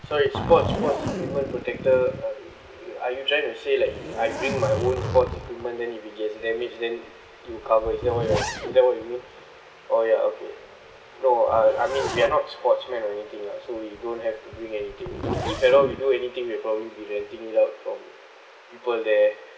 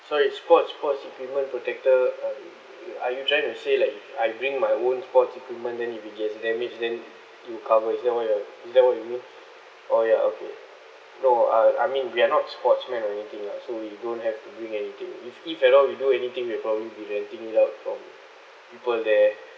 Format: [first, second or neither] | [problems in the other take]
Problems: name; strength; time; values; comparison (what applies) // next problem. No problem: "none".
second | background sound (Zipper (clothing)); 10 dB below the speech